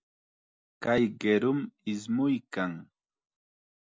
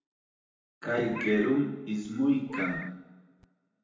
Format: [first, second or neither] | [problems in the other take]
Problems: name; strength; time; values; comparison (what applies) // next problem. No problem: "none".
first | background sound (Meow); 11 dB below the speech // room echo; dies away in 0.9 s